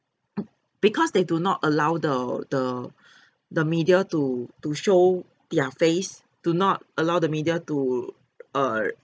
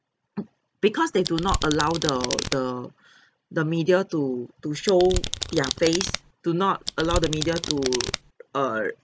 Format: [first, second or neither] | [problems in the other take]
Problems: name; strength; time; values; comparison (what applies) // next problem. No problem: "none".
first | background sound (Domestic sounds, home sounds); 5 dB below the speech